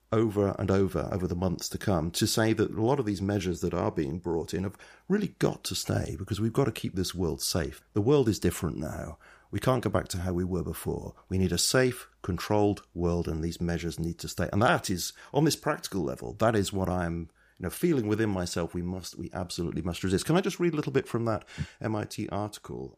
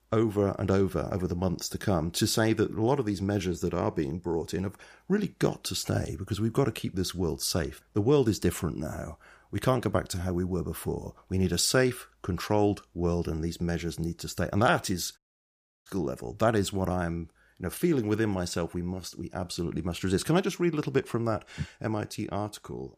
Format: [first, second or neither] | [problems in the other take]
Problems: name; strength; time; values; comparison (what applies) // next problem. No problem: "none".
first | audio cutting out; at 15 s for 0.5 s